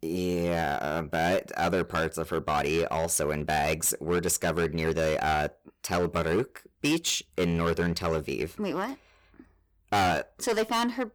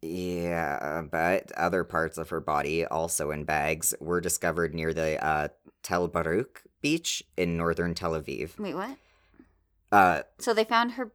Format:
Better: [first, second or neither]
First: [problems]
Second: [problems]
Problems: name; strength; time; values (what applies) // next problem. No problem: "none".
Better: second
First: distortion; heavy; 10% of the sound clipped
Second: none